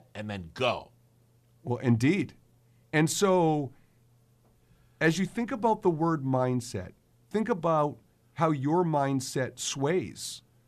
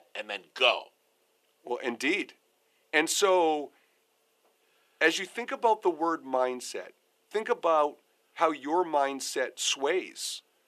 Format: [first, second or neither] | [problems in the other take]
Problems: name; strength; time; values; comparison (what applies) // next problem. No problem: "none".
first | thin; very; fading below 350 Hz